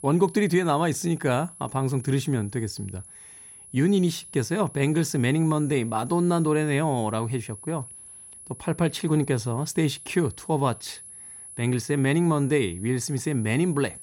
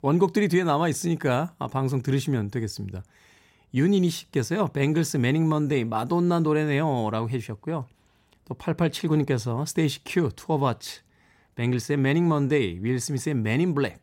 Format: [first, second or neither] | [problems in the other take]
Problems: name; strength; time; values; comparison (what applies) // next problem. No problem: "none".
second | high-pitched whine; noticeable; throughout; 10.5 kHz, 15 dB below the speech